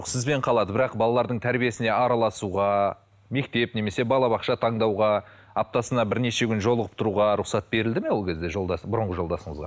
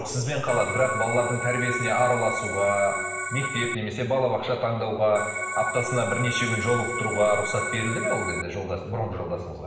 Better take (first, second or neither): first